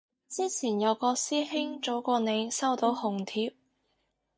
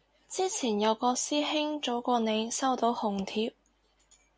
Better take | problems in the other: second | noise reduction (neural mask model DeepFilterNet 3)

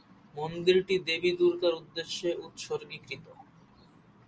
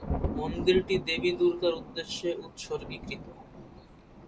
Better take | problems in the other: first | background sound (Thunder); 7 dB below the speech

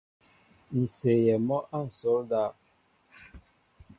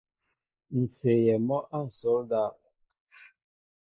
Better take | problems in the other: first | noise reduction (neural mask model Resemble Enhance denoiser)

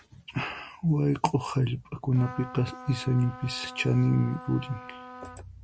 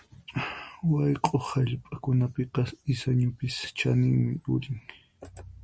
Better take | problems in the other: second | background sound (Trumpet); 15 dB below the speech

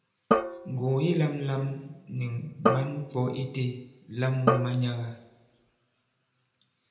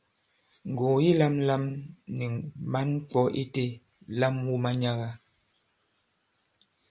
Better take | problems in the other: second | background sound (Drum); 1 dB below the speech // room echo; dies away in 0.8 s

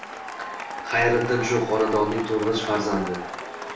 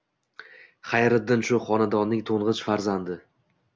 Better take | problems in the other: second | background sound (Applause / Cheering); 9 dB below the speech // room echo; dies away in 0.5 s

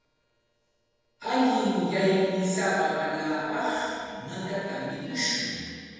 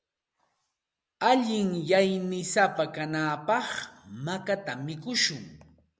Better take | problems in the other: second | noise reduction (neural separator model SepFormer DNS4)

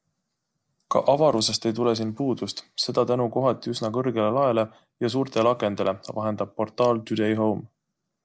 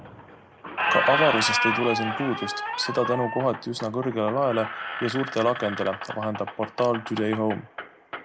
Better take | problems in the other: first | background sound (Squeak); 3 dB below the speech

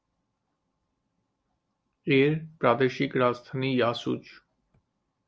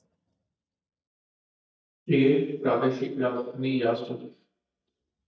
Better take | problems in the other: first | noise reduction (neural mask model DeepFilterNet 3)

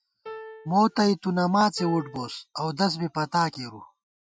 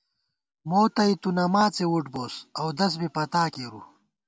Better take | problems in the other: second | noise reduction (classical method Wiener filter)

